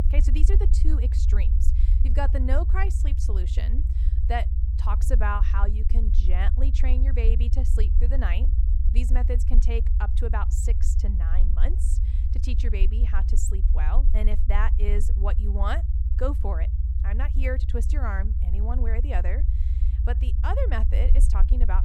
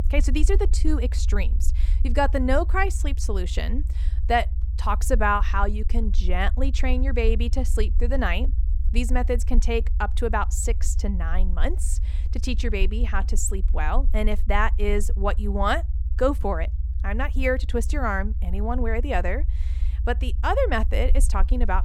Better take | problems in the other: second | low rumble; loud; throughout; 9 dB below the speech; faint in the second

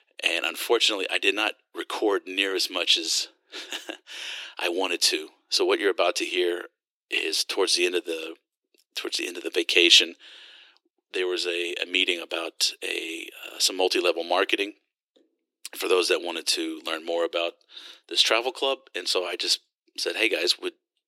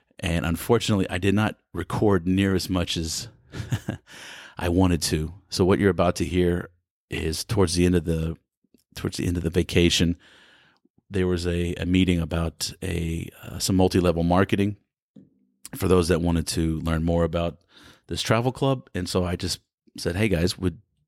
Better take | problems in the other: second | thin; very; fading below 350 Hz

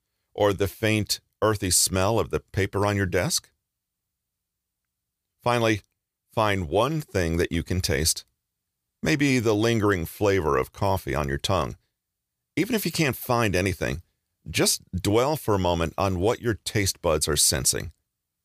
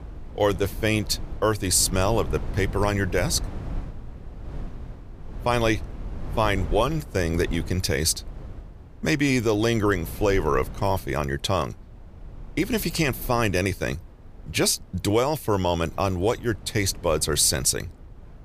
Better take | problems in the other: first | wind noise on the microphone; occasional gusts; 20 dB below the speech

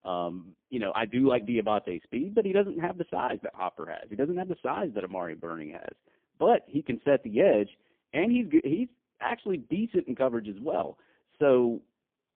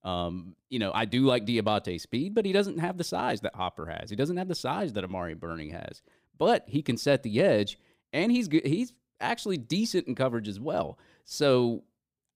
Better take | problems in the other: second | phone-call audio; poor line; nothing above 3.5 kHz

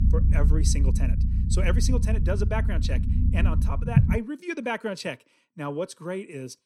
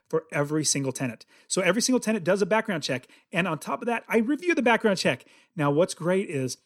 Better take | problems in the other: second | low rumble; loud; until 4 s; 6 dB below the speech

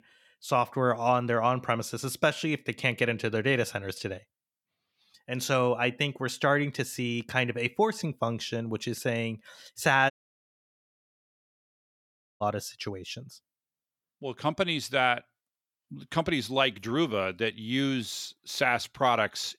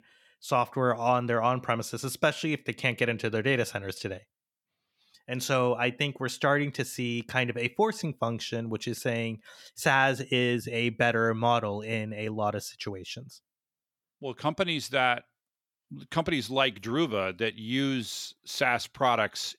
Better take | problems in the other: second | audio cutting out; at 10 s for 2.5 s

